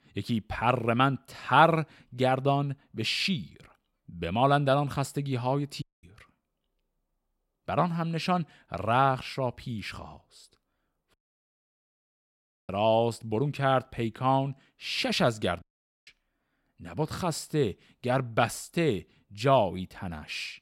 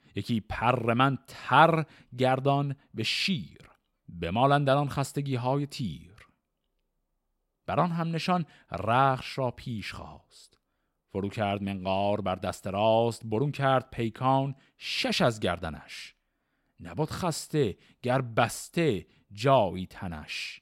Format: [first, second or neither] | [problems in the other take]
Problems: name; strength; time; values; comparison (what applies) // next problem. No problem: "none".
second | audio cutting out; at 6 s, at 11 s for 1.5 s and at 16 s